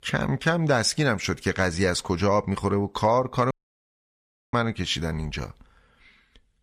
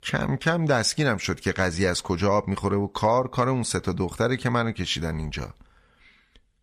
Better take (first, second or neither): second